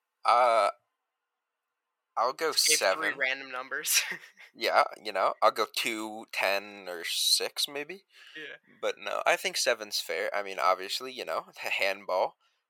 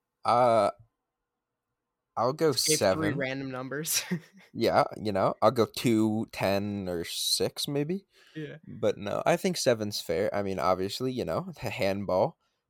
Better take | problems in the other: second | thin; very; fading below 700 Hz

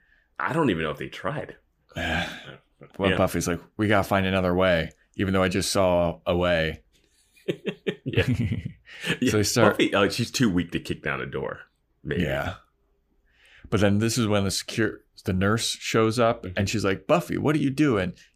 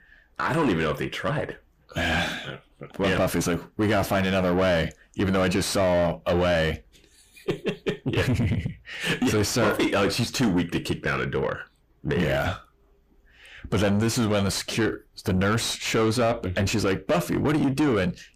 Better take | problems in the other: first | distortion; heavy; 6 dB below the speech

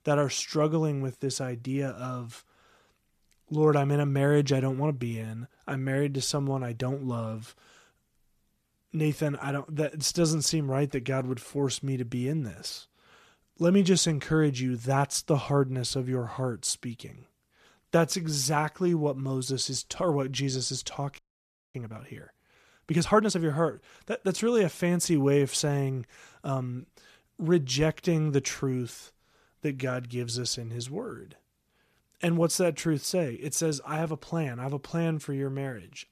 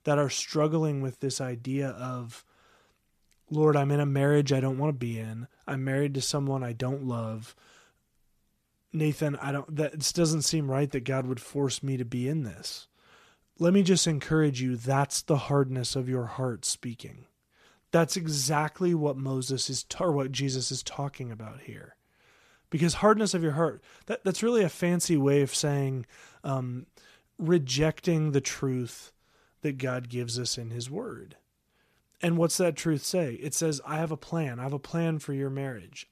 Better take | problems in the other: second | audio freezing; at 21 s for 0.5 s

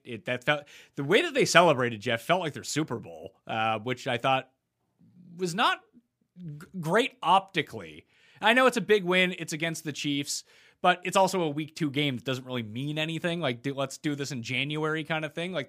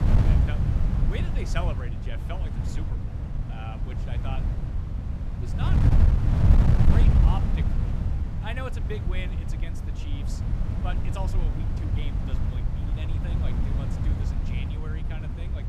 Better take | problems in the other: first | wind noise on the microphone; heavy; 2 dB above the speech

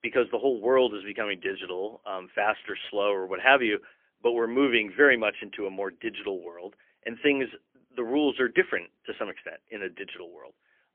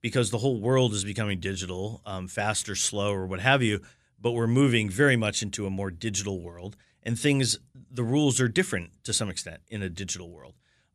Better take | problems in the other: second | phone-call audio; poor line; nothing above 3.5 kHz

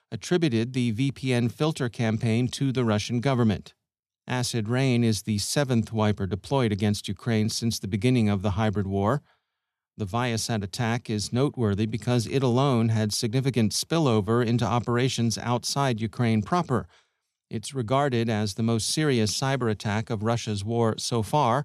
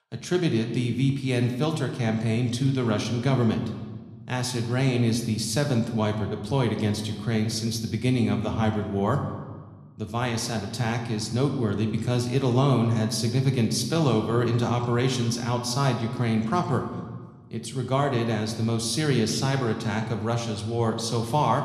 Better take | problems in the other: first | room echo; slight; dies away in 1.1 s

